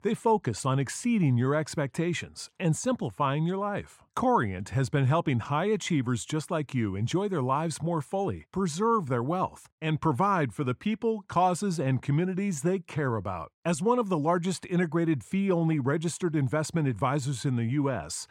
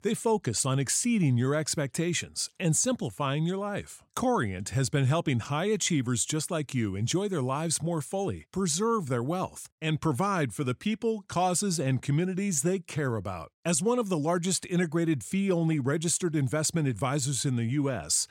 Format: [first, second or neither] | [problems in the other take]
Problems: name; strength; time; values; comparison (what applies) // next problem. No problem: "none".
second | muffled; slightly; fading above 3.5 kHz